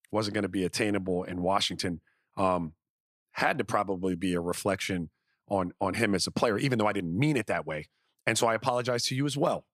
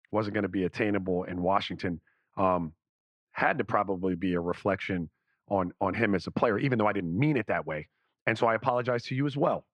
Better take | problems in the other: first | muffled; very; fading above 2 kHz

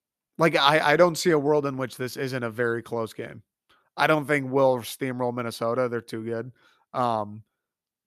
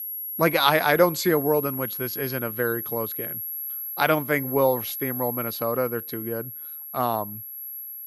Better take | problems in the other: first | high-pitched whine; loud; throughout; 11.5 kHz, 7 dB below the speech

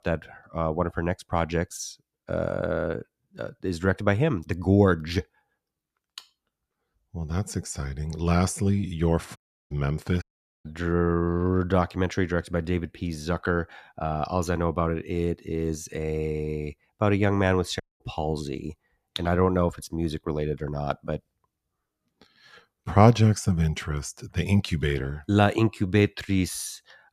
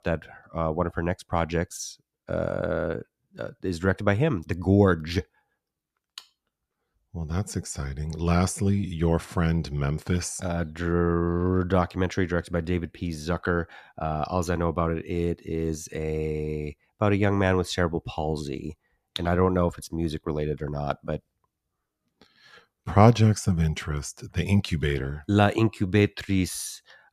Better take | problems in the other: second | audio cutting out; at 9.5 s, at 10 s and at 18 s

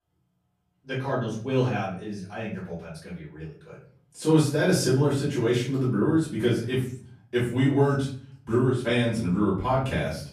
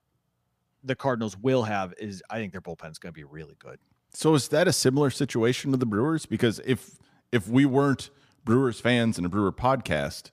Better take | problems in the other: second | off-mic speech; far // room echo; noticeable; dies away in 0.5 s

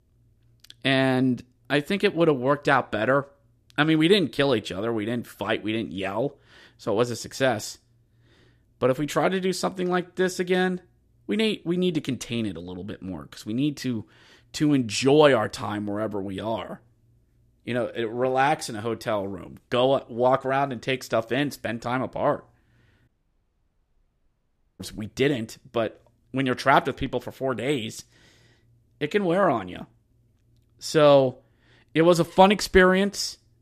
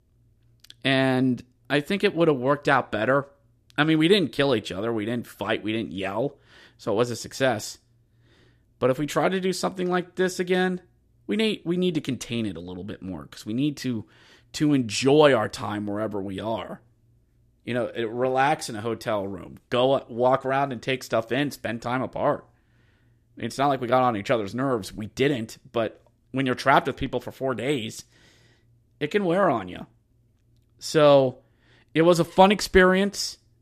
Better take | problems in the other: second | audio cutting out; at 23 s for 1.5 s

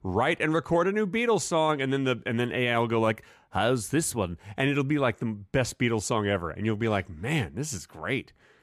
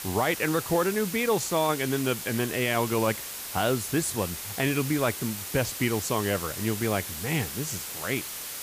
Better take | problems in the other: first | hiss; loud; throughout; 6 dB below the speech

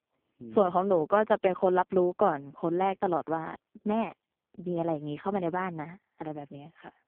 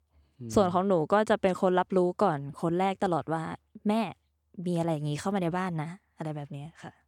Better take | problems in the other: second | phone-call audio; poor line

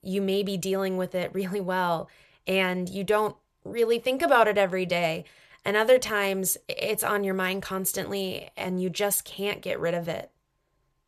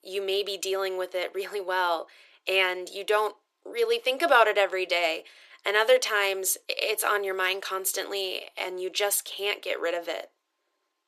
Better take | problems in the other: first | thin; very; fading below 300 Hz

